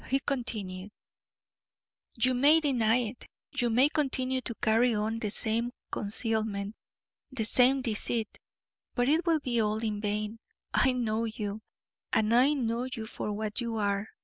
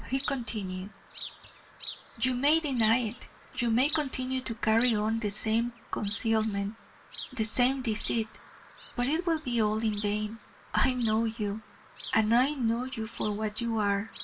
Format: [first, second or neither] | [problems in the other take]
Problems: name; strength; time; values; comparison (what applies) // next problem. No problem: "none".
first | background sound (Chirp, tweet); 16 dB below the speech // room echo; dies away in 0.2 s